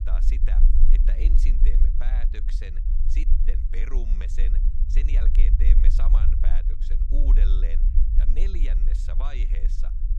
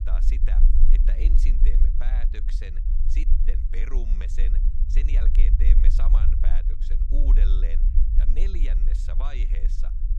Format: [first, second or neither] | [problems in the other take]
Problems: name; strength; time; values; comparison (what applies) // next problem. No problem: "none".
neither | low rumble; loud; throughout; 3 dB below the speech; the same in both